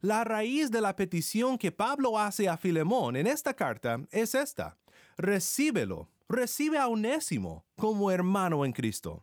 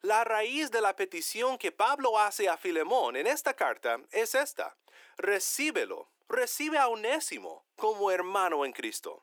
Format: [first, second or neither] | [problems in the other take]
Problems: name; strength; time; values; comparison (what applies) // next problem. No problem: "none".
first | thin; very; fading below 350 Hz